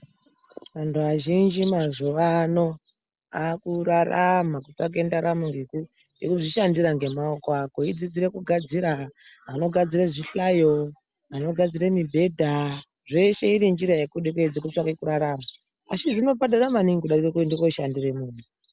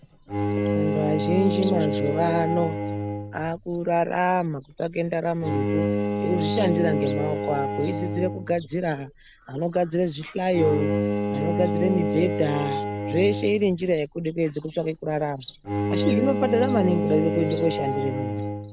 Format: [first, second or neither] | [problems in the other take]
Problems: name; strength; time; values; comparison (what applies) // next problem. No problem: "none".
first | background sound (Bowed string instrument); 2 dB below the speech